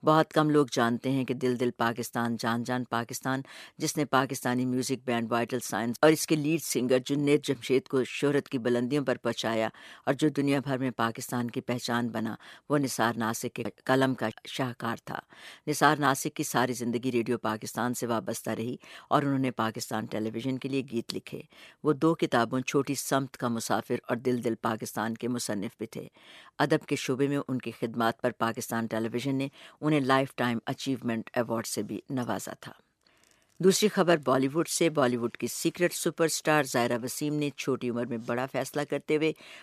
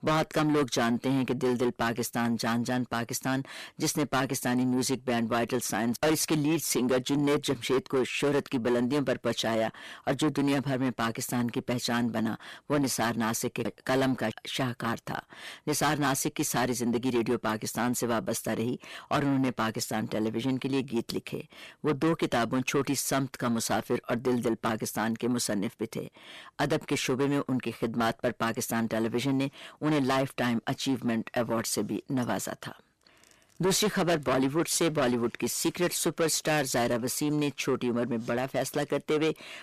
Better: first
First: none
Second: distortion; heavy; 7 dB below the speech

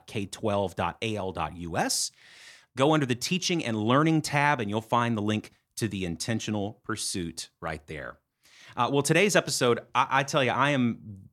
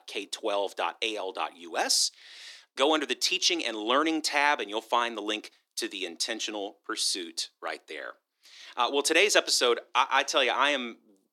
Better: first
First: none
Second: thin; somewhat; fading below 300 Hz

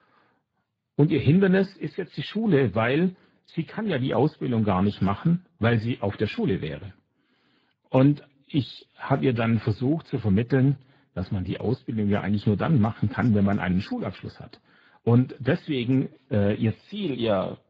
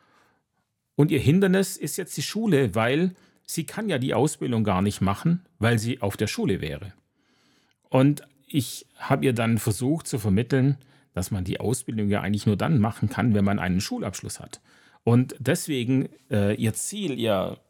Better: second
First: garbled, watery; badly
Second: none

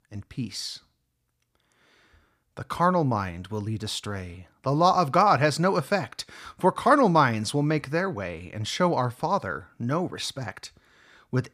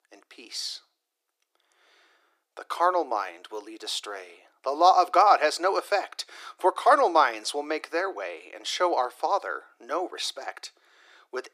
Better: first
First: none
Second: thin; very; fading below 350 Hz

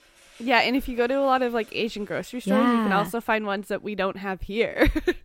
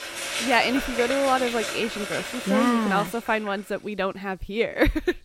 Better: first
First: household noises; faint; throughout; 30 dB below the speech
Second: household noises; loud; throughout; 6 dB below the speech

